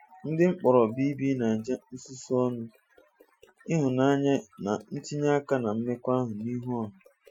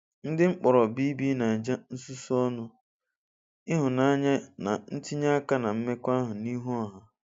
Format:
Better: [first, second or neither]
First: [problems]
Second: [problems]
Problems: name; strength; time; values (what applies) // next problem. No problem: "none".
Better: second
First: noise reduction (classical method Wiener filter)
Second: none